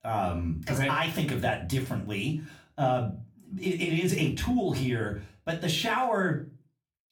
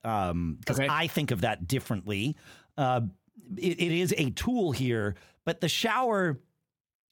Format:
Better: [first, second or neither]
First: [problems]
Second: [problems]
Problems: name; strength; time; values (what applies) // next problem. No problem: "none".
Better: second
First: off-mic speech; far // room echo; slight; dies away in 0.3 s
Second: none